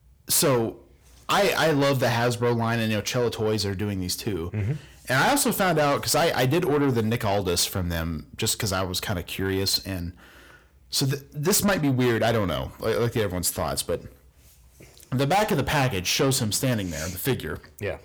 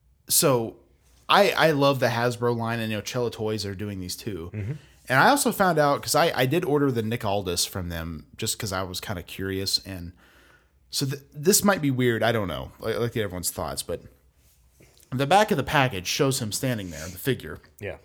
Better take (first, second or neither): second